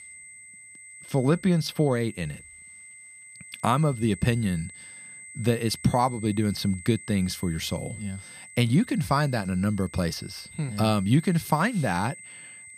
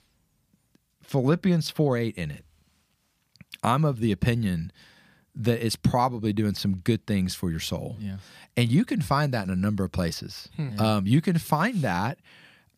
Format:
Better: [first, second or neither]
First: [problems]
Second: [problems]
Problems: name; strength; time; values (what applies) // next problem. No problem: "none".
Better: second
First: high-pitched whine; noticeable; throughout; 2 kHz, 15 dB below the speech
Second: none